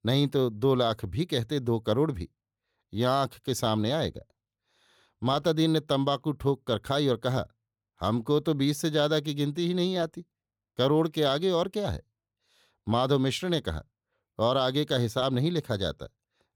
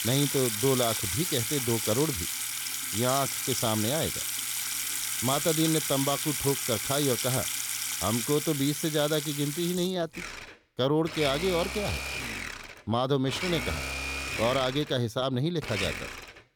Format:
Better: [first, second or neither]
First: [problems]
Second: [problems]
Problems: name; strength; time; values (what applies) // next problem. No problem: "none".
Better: first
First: none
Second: household noises; loud; throughout; 1 dB below the speech